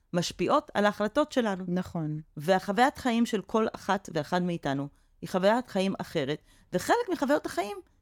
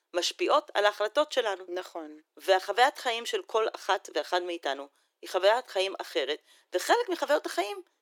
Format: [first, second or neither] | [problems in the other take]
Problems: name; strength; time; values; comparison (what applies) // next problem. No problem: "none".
first | thin; very; fading below 350 Hz